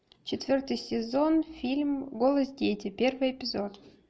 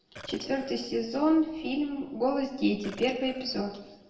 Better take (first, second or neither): first